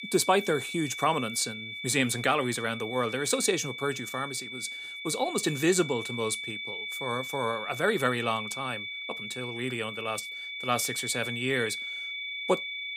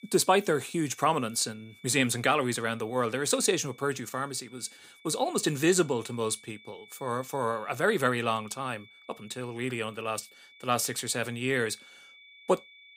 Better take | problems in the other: second | high-pitched whine; loud; throughout; 2.5 kHz, 6 dB below the speech; faint in the second

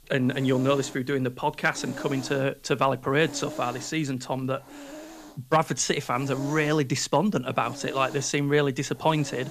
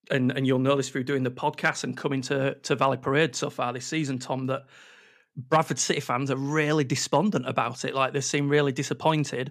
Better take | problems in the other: second | hiss; noticeable; throughout; 15 dB below the speech

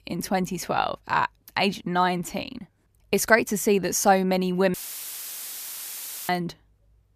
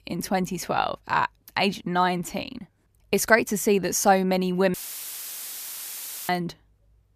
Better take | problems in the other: neither | audio cutting out; filled with static; at 4.5 s for 1.5 s; the same in both

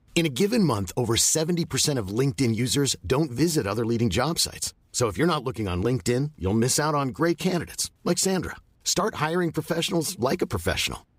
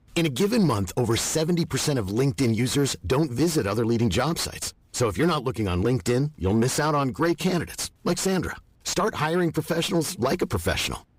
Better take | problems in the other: first | distortion; slight; 10 dB below the speech

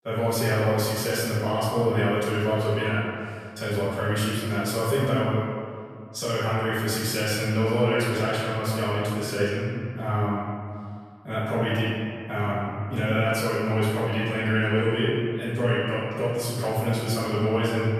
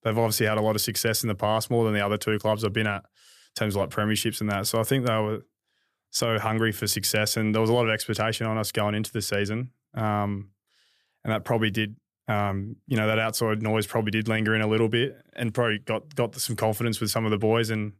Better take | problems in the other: second | off-mic speech; far // room echo; strong; dies away in 2 s

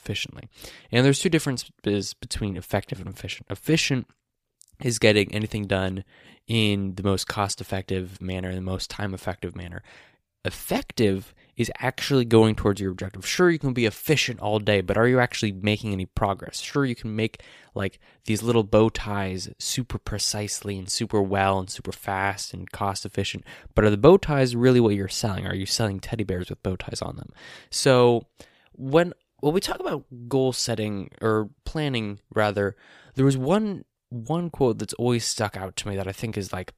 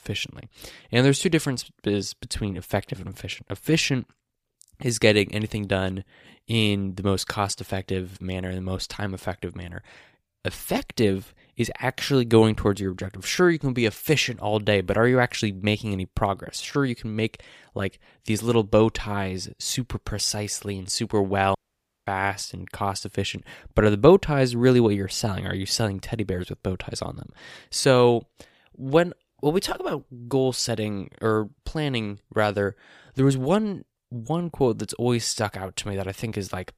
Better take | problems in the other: first | audio cutting out; at 22 s for 0.5 s

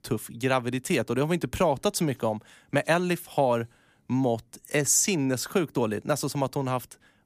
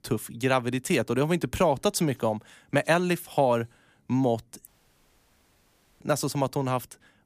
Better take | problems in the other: first | audio cutting out; at 4.5 s for 1.5 s

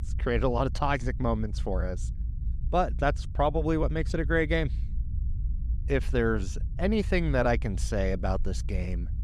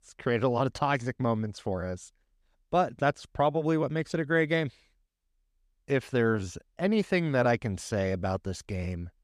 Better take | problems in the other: second | low rumble; faint; throughout; 25 dB below the speech

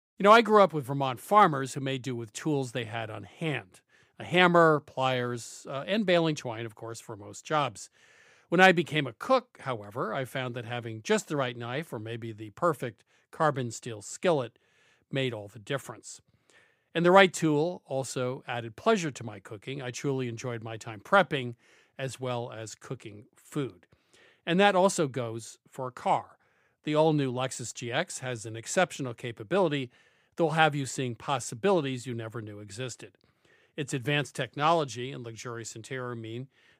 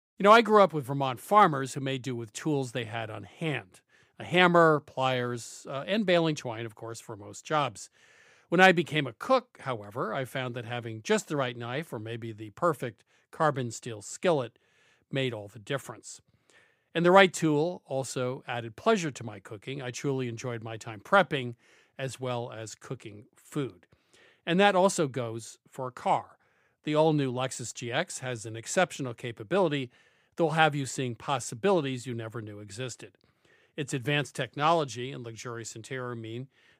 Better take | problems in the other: neither | none

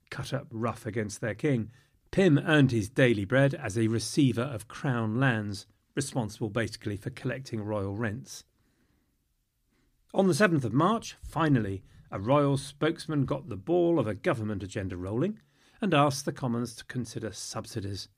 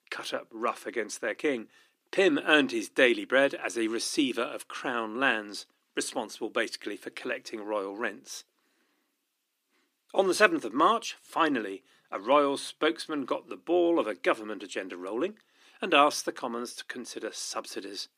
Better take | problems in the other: first | thin; somewhat; fading below 300 Hz

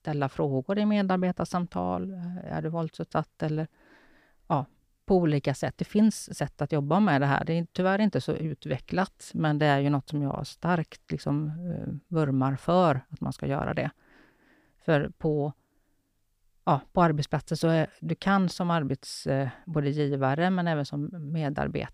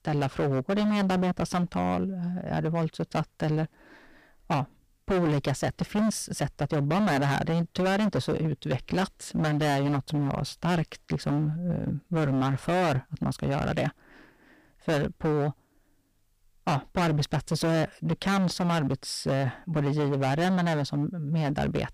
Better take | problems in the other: first | distortion; heavy; 19% of the sound clipped

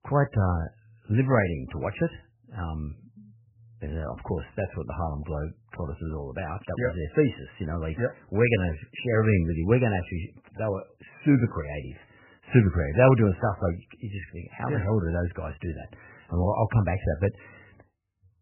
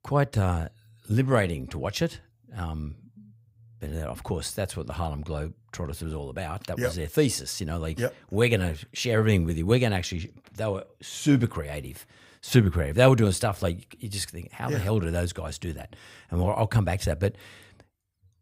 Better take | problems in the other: second | garbled, watery; badly; nothing above 3 kHz

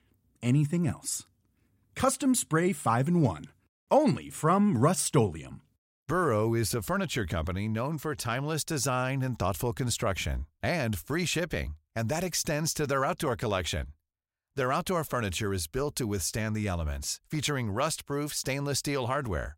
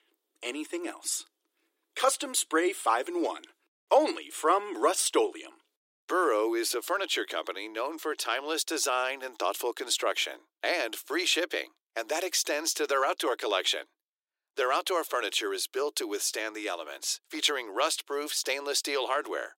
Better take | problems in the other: first | thin; very; fading below 300 Hz

